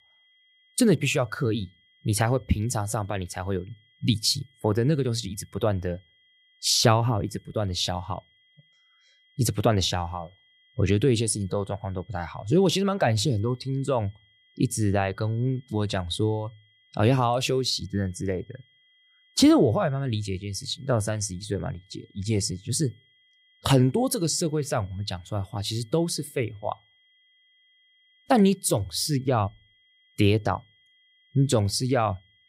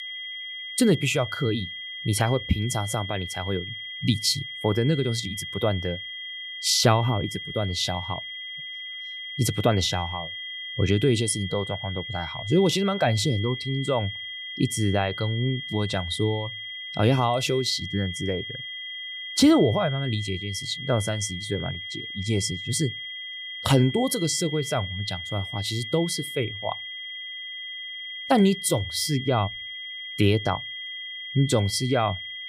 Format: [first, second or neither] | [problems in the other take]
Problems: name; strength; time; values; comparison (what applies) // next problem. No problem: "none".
first | high-pitched whine; loud; throughout; 3 kHz, 8 dB below the speech; faint in the first